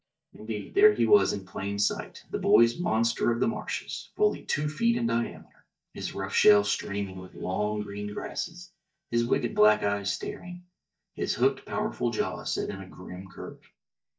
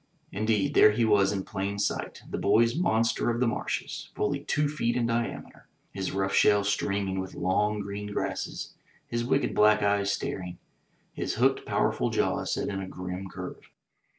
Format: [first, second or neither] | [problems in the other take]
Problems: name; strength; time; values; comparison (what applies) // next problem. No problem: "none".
second | noise reduction (neural mask model DeepFilterNet 3)